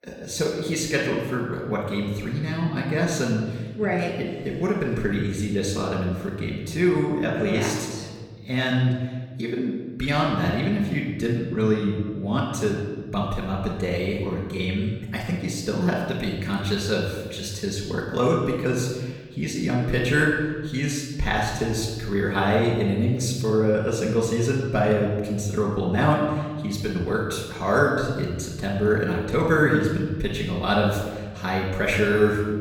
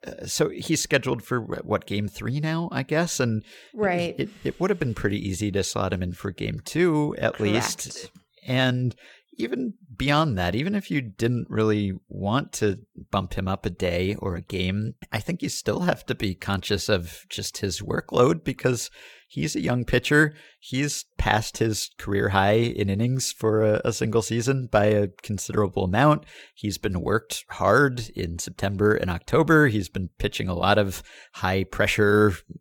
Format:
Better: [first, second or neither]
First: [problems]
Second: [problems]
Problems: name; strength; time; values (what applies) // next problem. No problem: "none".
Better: second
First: off-mic speech; far // room echo; noticeable; dies away in 1.3 s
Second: none